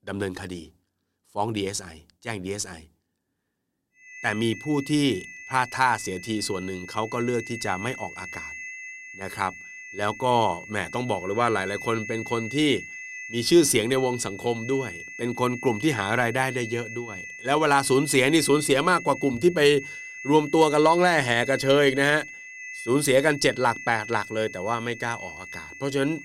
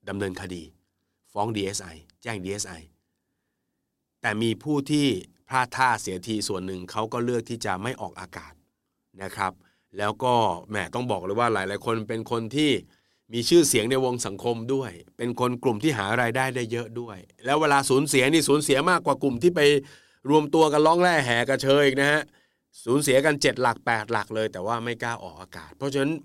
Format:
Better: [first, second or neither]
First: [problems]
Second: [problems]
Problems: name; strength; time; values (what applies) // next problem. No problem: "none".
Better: second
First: high-pitched whine; noticeable; from 4 s on; 2 kHz, 15 dB below the speech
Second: none